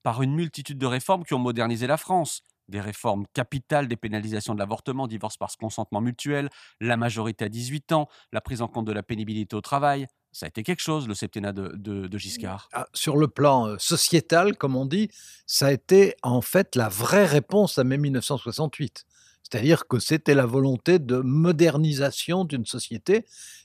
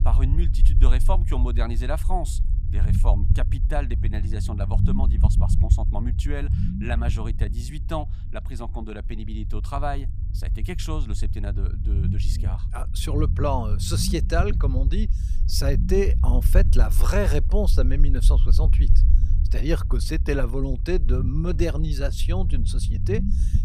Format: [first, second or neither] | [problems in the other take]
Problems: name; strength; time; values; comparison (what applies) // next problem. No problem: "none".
first | low rumble; loud; throughout; 10 dB below the speech